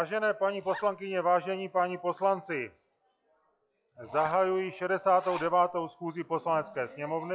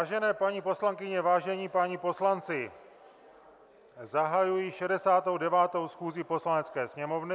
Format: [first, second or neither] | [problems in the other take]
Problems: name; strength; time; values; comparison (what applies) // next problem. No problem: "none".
second | noise reduction (classical method log-MMSE)